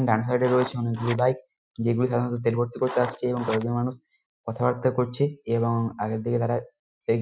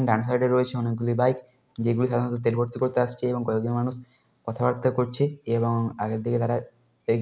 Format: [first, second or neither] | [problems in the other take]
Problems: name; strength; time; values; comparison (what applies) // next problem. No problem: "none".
second | noise reduction (classical method Wiener filter)